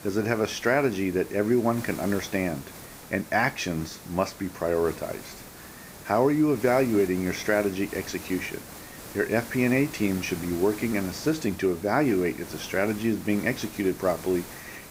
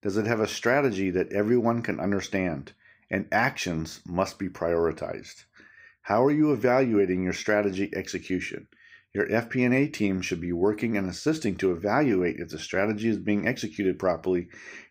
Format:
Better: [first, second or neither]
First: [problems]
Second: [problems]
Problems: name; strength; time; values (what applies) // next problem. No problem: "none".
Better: second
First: hiss; noticeable; throughout; 15 dB below the speech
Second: none